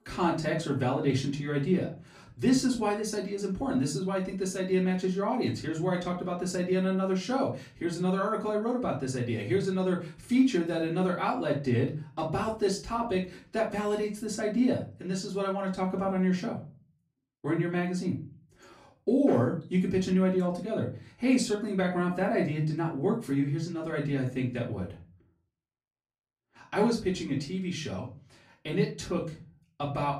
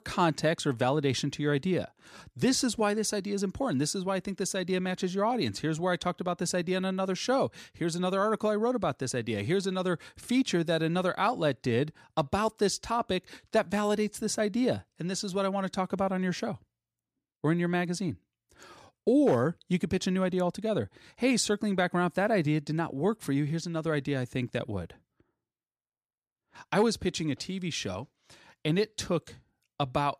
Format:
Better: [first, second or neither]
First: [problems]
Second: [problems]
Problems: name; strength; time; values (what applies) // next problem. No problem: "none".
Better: second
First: off-mic speech; far // room echo; slight; dies away in 0.4 s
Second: none